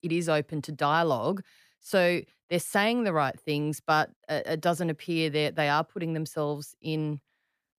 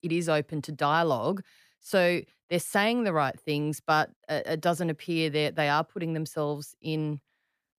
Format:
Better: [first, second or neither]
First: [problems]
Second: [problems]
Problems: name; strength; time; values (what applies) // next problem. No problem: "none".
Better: neither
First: none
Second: none